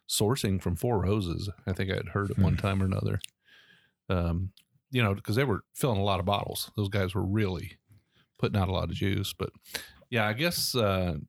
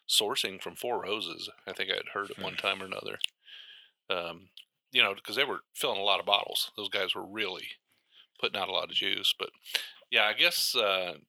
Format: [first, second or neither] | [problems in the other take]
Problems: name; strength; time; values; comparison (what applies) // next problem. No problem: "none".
first | thin; very; fading below 550 Hz